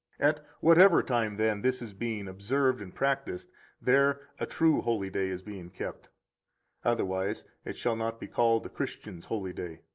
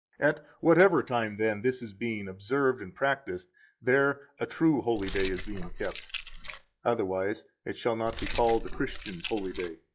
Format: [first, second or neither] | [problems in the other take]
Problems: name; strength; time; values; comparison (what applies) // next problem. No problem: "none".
first | noise reduction (classical method log-MMSE)